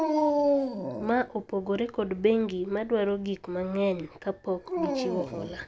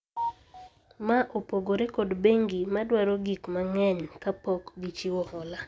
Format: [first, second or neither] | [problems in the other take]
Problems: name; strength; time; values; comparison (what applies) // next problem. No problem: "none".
second | background sound (Dog); 2 dB below the speech